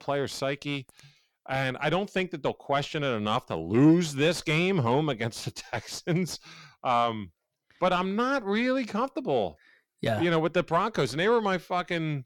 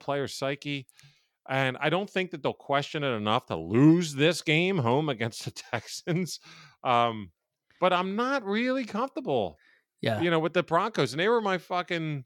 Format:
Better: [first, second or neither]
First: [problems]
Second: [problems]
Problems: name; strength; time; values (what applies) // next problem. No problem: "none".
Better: second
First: distortion; slight; 10 dB below the speech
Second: none